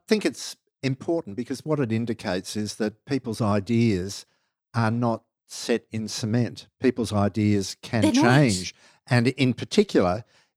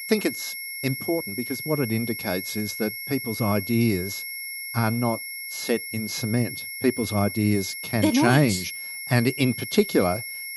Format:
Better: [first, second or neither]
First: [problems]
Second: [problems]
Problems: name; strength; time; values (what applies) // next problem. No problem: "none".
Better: first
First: none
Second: high-pitched whine; loud; throughout; 2 kHz, 7 dB below the speech